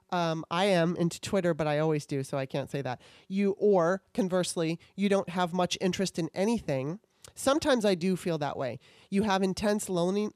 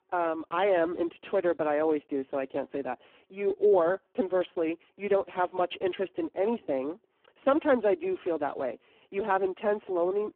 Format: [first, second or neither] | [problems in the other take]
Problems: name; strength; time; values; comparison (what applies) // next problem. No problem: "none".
first | phone-call audio; poor line